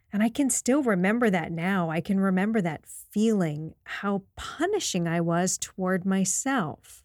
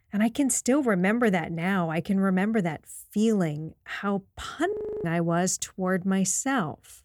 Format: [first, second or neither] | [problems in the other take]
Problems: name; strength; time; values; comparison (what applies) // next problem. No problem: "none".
first | audio freezing; at 4.5 s